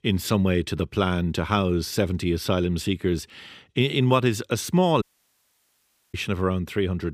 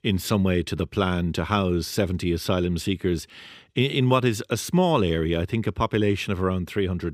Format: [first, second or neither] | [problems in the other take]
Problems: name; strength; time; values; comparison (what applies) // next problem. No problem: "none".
second | audio cutting out; at 5 s for 1 s